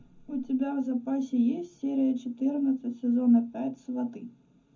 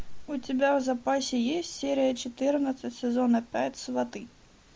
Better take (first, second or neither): second